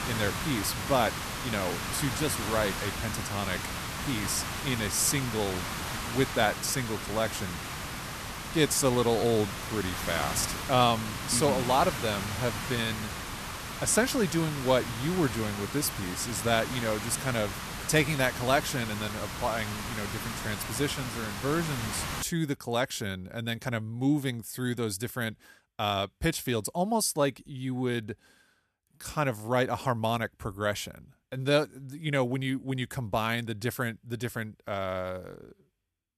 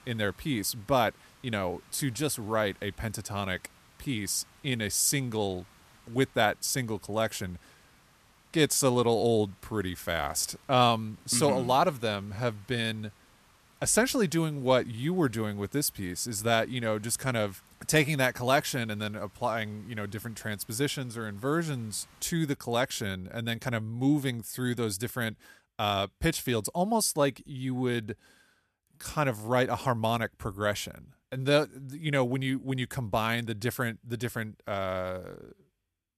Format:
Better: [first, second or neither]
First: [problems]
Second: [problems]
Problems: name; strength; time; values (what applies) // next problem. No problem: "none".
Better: second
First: hiss; loud; until 22 s; 5 dB below the speech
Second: hiss; faint; until 22 s; 30 dB below the speech